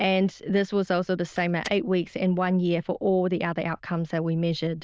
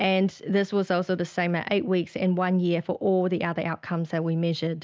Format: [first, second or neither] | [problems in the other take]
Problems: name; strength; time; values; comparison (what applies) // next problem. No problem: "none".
second | noise reduction (neural diffusion model UNIVERSE++)